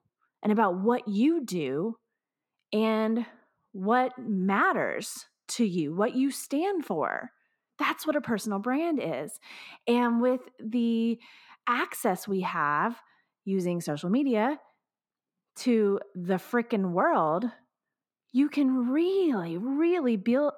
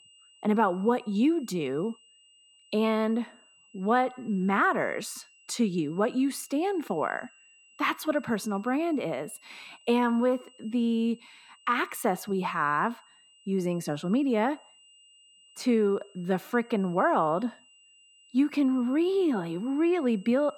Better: first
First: none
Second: high-pitched whine; faint; throughout; 3 kHz, 30 dB below the speech

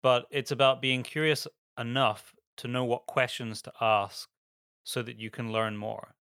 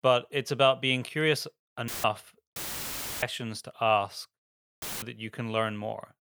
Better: first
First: none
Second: audio cutting out; filled with static; at 2 s, at 2.5 s for 0.5 s and at 5 s

